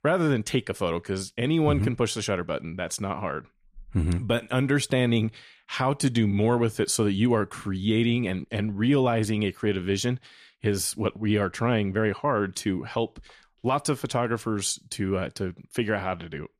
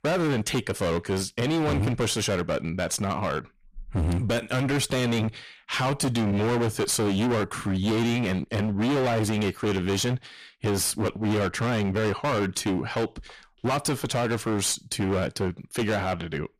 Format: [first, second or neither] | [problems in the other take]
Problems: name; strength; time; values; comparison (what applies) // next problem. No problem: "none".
first | distortion; heavy; 29% of the sound clipped